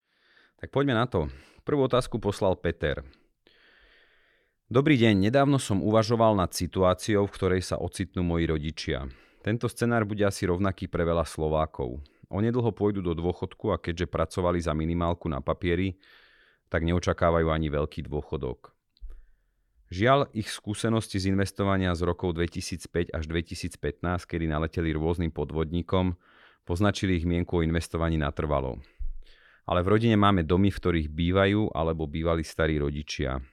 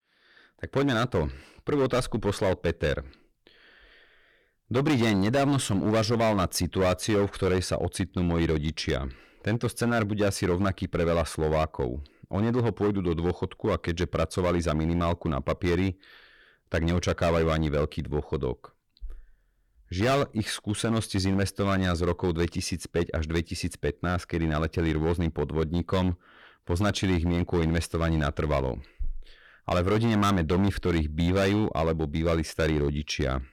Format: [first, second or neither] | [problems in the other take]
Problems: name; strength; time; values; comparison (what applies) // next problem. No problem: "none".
first | distortion; heavy; 11% of the sound clipped